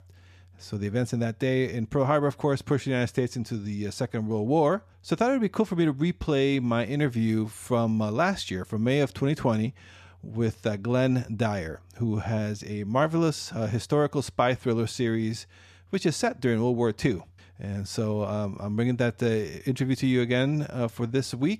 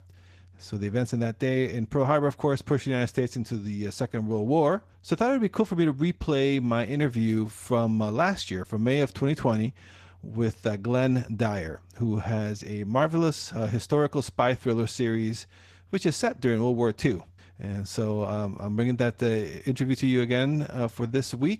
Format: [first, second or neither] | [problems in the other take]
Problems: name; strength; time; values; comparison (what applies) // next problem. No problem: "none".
first | garbled, watery; slightly; nothing above 14.5 kHz